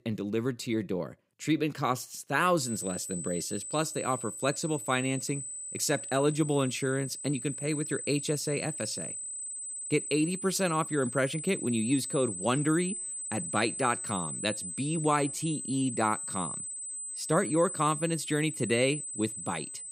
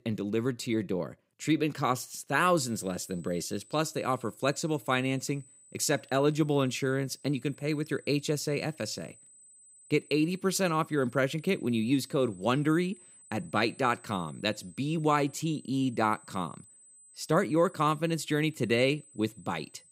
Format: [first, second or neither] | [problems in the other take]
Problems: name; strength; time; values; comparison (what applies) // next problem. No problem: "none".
second | high-pitched whine; loud; from 2.5 s on; 8 kHz, 6 dB below the speech; faint in the second